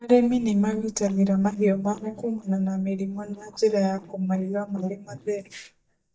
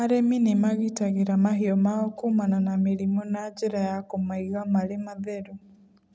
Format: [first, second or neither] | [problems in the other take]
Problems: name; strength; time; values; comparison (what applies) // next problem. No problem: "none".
second | noise reduction (neural mask model DeepFilterNet 3)